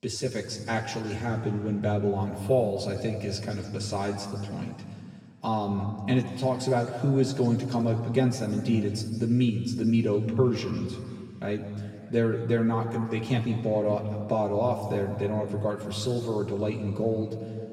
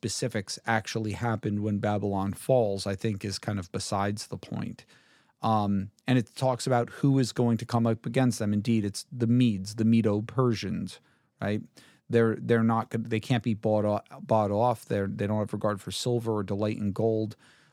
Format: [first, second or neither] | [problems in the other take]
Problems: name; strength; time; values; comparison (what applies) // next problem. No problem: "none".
second | room echo; noticeable; dies away in 2 s // off-mic speech; far